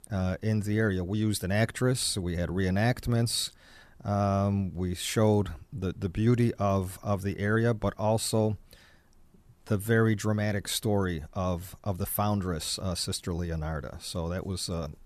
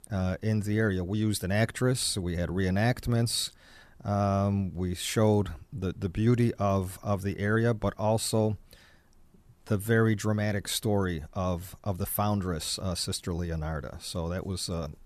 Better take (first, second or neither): neither